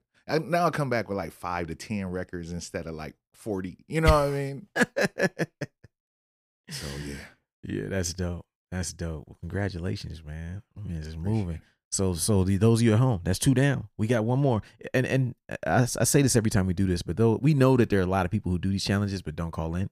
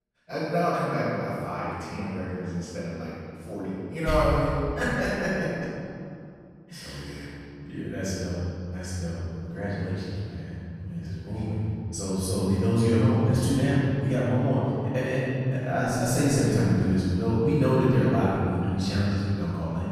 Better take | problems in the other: first | off-mic speech; far // room echo; strong; dies away in 2.4 s

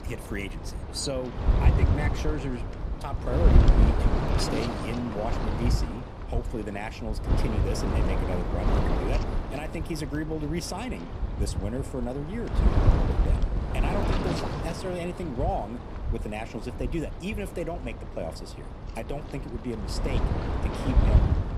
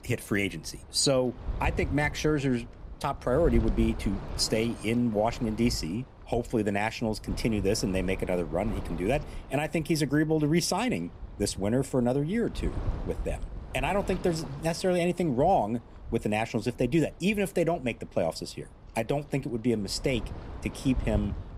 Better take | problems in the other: second | wind noise on the microphone; heavy; as loud as the speech; occasional gusts in the second

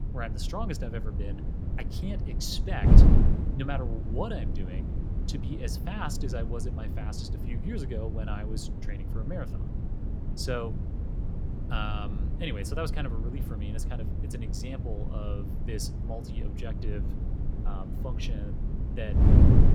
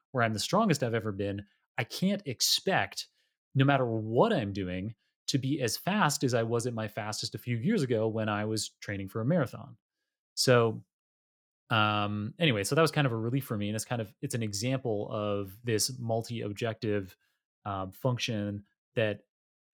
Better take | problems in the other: second | wind noise on the microphone; heavy; 2 dB below the speech

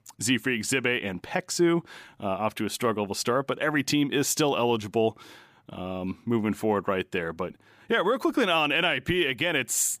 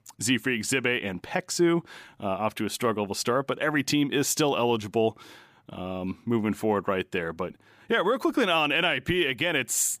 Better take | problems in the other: neither | none

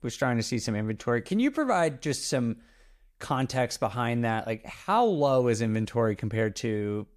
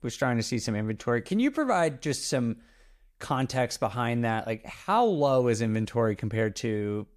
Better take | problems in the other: neither | none

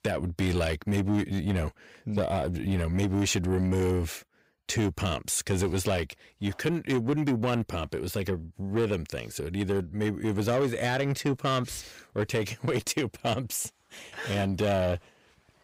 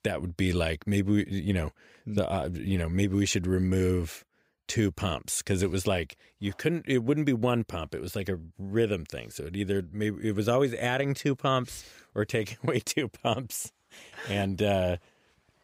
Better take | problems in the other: second | distortion; slight; 10 dB below the speech

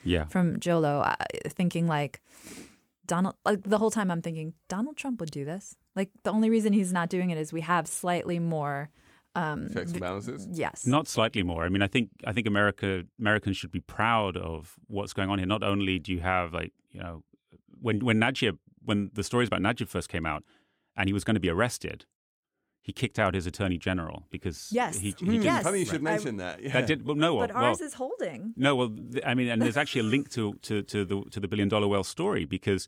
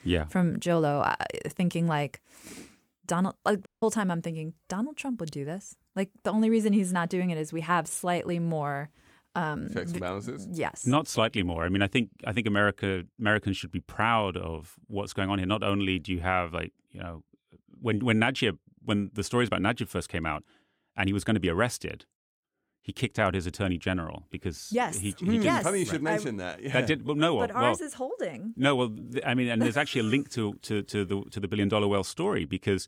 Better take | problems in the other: first | audio cutting out; at 3.5 s

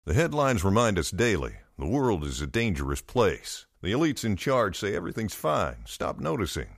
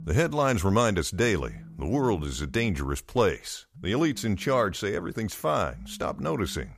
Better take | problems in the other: first | alarms or sirens; noticeable; throughout; 20 dB below the speech

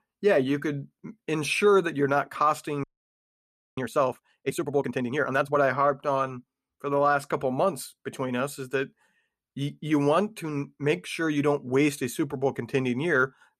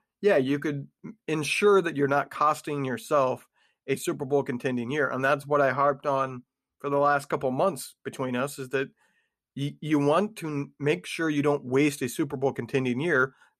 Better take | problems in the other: second | audio freezing; at 3 s for 1 s

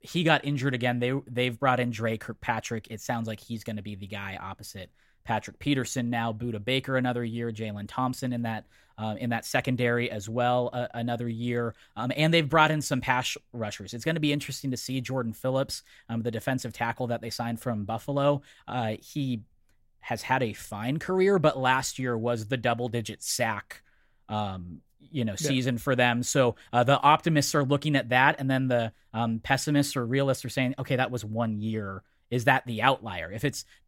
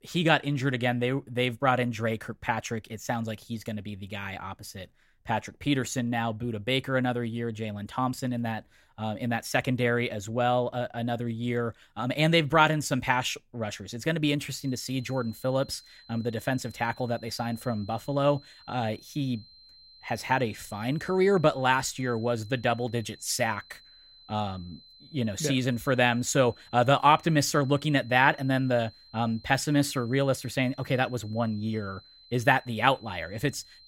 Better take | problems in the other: first | high-pitched whine; faint; from 15 s on; 4 kHz, 25 dB below the speech

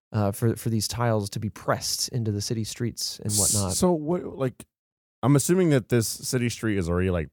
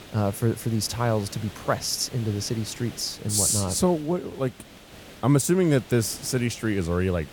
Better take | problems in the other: first | hiss; noticeable; throughout; 20 dB below the speech

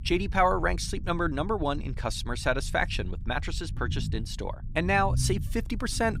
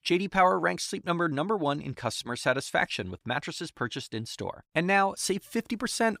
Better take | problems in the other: second | low rumble; faint; throughout; 20 dB below the speech

